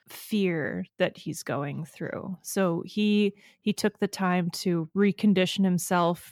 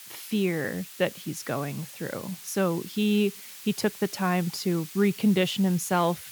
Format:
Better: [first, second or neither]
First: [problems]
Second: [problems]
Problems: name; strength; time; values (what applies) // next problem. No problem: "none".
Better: first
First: none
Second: hiss; noticeable; throughout; 15 dB below the speech